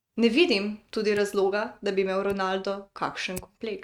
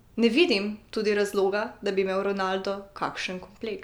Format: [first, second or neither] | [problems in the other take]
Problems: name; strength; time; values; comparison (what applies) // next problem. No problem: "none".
second | noise reduction (neural mask model RNNoise)